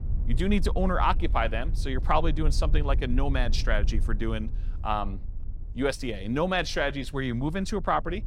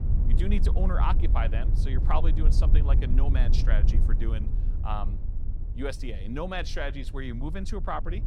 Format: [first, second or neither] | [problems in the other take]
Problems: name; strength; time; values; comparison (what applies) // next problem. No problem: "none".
first | low rumble; loud; throughout; 10 dB below the speech; faint in the first